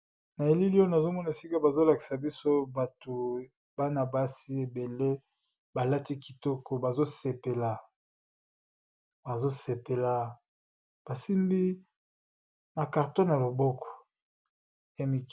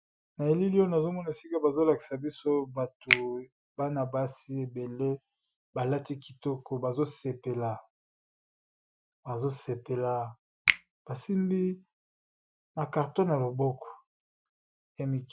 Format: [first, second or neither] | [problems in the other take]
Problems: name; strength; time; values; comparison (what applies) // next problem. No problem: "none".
first | noise reduction (classical method Wiener filter)